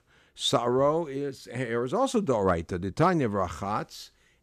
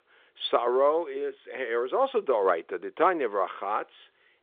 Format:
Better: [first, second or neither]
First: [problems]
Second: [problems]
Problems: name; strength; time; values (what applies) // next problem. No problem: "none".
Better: first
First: none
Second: phone-call audio